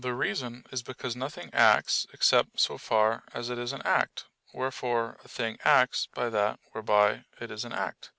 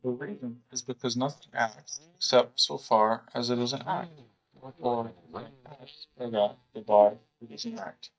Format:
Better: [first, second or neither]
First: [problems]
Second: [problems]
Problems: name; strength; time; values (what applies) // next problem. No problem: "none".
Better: first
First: none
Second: noise reduction (neural mask model DeepFilterNet 3)